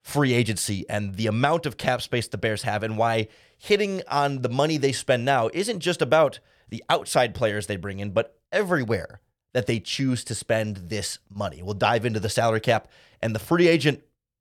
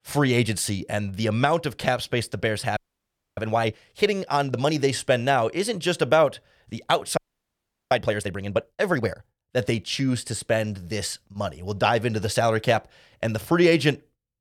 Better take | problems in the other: first | audio freezing; at 3 s for 0.5 s and at 7 s for 0.5 s

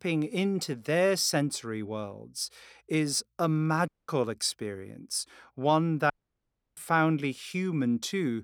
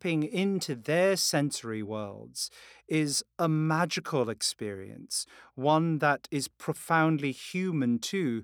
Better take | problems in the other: second | audio cutting out; at 4 s and at 6 s for 0.5 s

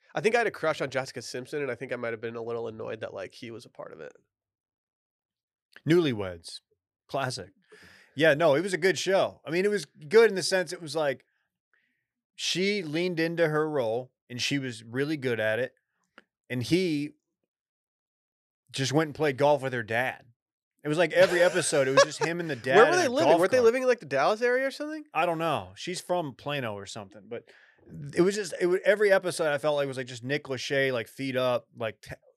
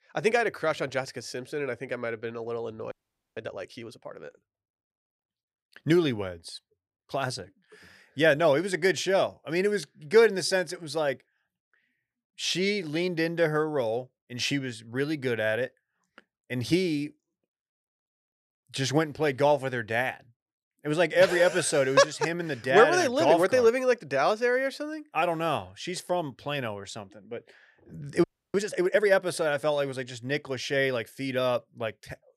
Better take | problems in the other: first | audio freezing; at 3 s and at 28 s

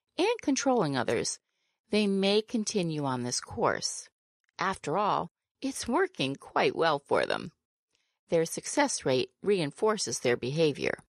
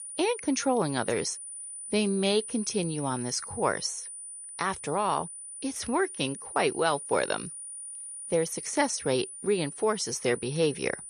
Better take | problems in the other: first | high-pitched whine; loud; throughout; 9.5 kHz, 9 dB below the speech

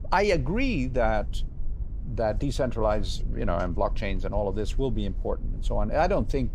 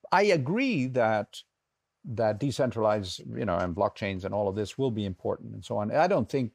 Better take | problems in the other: second | low rumble; faint; throughout; 25 dB below the speech

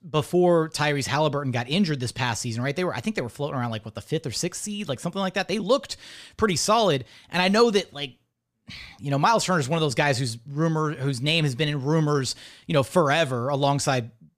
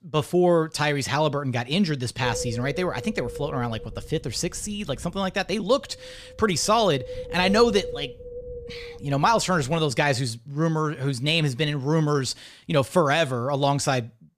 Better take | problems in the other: first | wind noise on the microphone; occasional gusts; from 2 to 10 s; 10 dB below the speech

